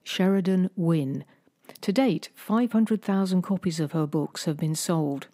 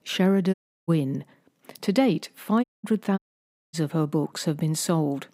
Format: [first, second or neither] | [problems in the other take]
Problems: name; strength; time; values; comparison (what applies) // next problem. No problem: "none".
first | audio cutting out; at 0.5 s, at 2.5 s and at 3 s for 0.5 s